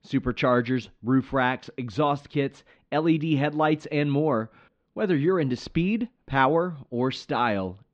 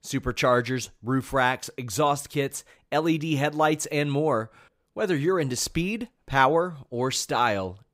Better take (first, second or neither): second